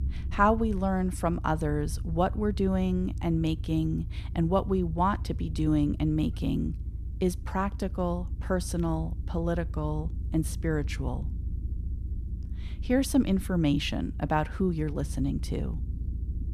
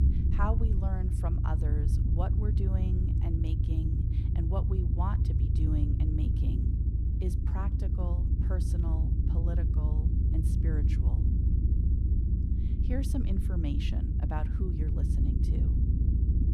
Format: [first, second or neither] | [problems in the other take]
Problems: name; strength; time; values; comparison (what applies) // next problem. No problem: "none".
first | low rumble; loud; throughout; 1 dB below the speech; faint in the first